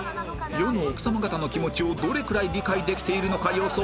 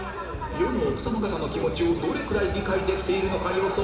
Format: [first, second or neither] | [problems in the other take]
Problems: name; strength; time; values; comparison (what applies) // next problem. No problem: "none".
first | room echo; dies away in 2.3 s